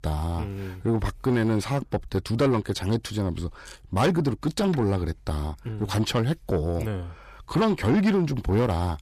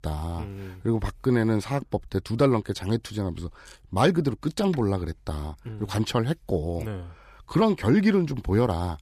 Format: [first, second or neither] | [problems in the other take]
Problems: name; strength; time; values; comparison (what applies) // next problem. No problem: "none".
second | distortion; slight; 10 dB below the speech